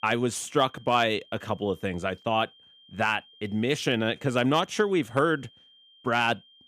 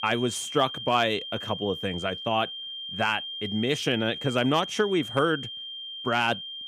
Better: first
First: high-pitched whine; faint; throughout; 3 kHz, 25 dB below the speech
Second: high-pitched whine; loud; throughout; 3 kHz, 7 dB below the speech

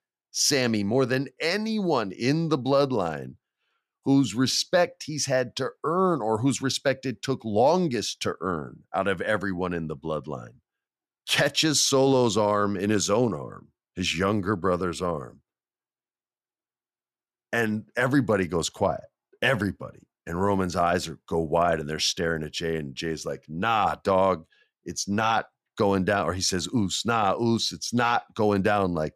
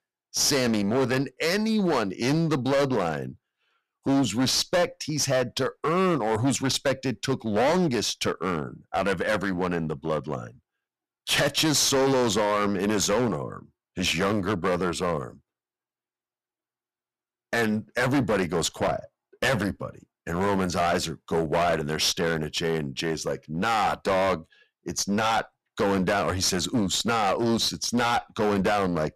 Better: first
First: none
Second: distortion; heavy; 14% of the sound clipped

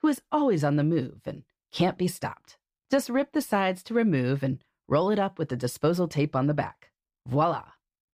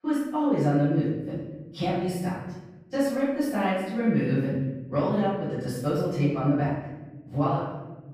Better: first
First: none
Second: off-mic speech; far // room echo; strong; dies away in 1.1 s

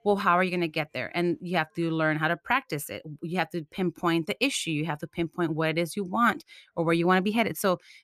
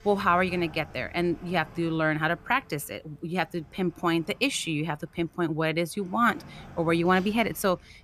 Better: first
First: none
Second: household noises; faint; throughout; 20 dB below the speech

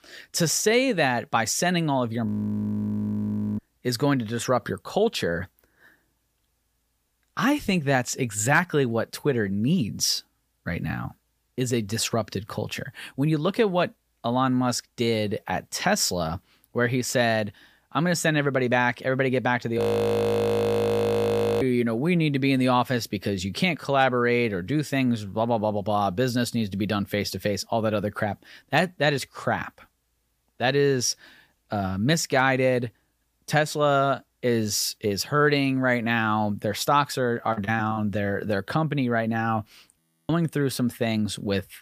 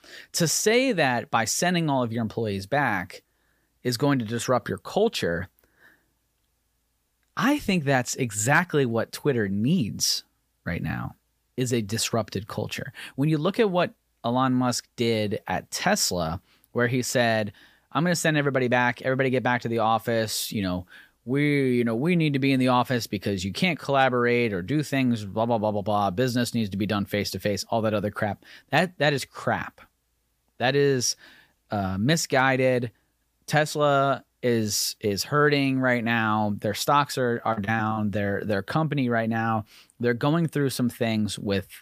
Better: second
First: audio freezing; at 2.5 s for 1.5 s, at 20 s for 2 s and at 40 s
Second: none

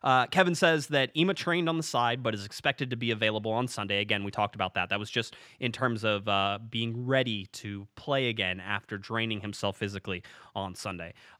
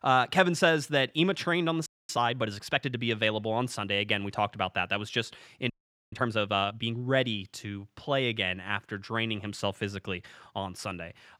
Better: first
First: none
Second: audio freezing; at 2 s and at 5.5 s

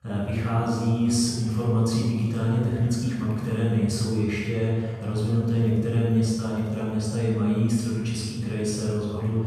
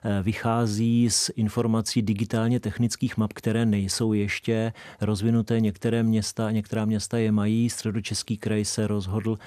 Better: second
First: off-mic speech; far // room echo; strong; dies away in 2.2 s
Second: none

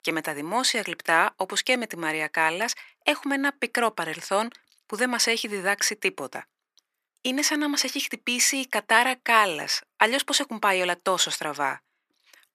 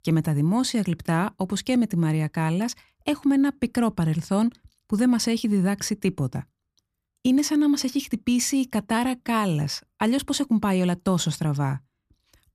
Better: second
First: thin; very; fading below 450 Hz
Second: none

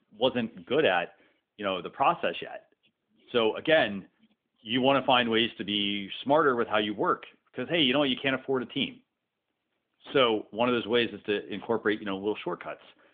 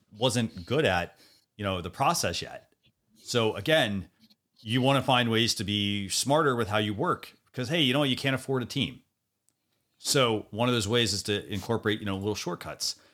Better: second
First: phone-call audio; nothing above 3.5 kHz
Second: none

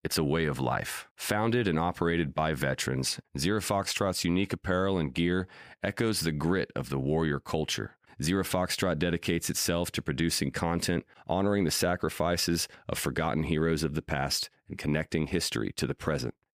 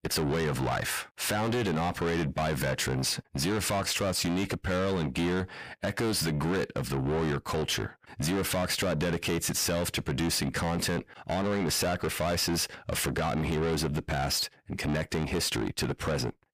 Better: first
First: none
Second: distortion; heavy; 6 dB below the speech

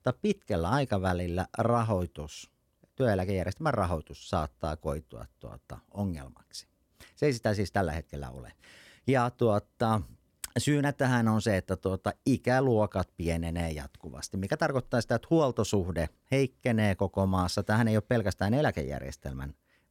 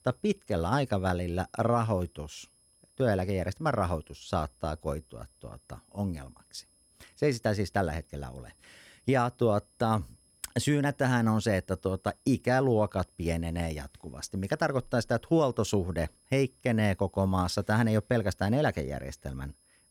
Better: first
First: none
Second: high-pitched whine; faint; throughout; 10.5 kHz, 35 dB below the speech

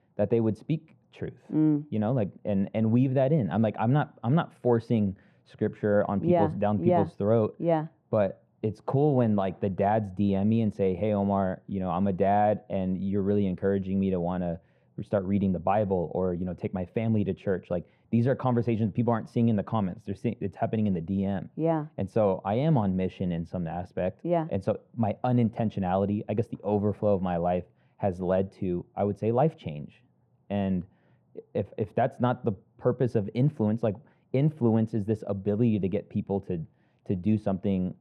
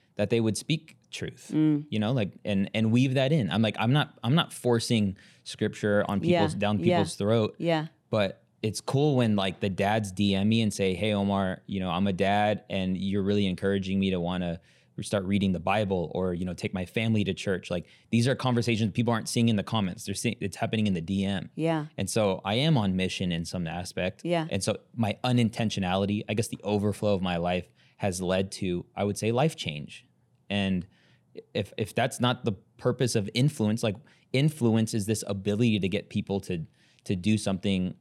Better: second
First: muffled; very; fading above 2.5 kHz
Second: none

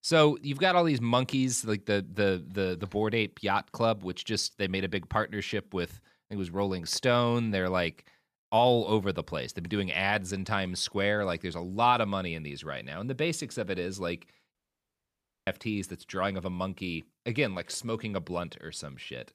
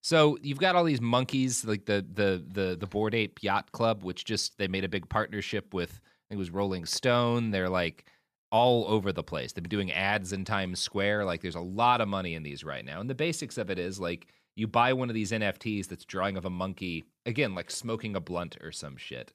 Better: second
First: audio cutting out; at 15 s for 1 s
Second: none

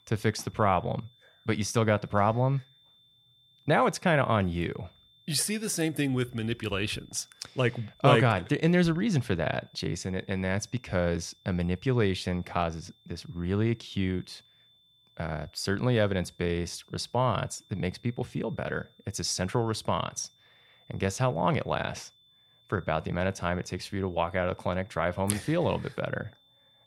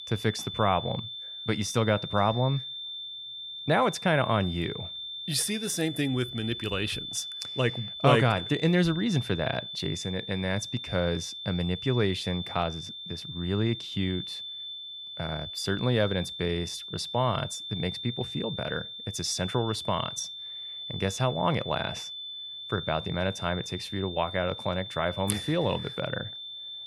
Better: first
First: high-pitched whine; faint; throughout; 3.5 kHz, 30 dB below the speech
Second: high-pitched whine; loud; throughout; 3.5 kHz, 7 dB below the speech

